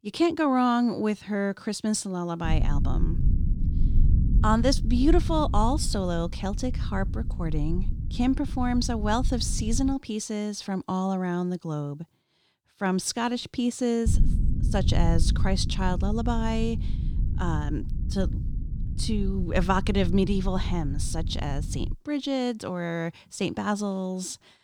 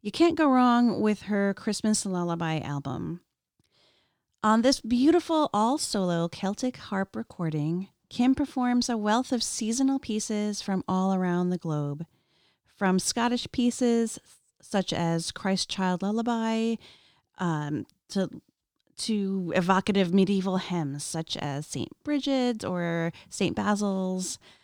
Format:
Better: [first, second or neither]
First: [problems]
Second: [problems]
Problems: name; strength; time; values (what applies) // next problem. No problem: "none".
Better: second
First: low rumble; noticeable; from 2.5 to 10 s and from 14 to 22 s; 15 dB below the speech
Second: none